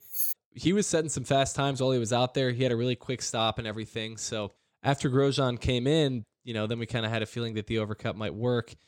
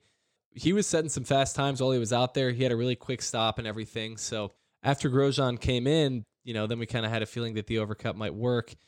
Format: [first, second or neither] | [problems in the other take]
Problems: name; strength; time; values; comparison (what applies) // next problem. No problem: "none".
second | jangling keys; loud; at the start; peak 1 dB above the speech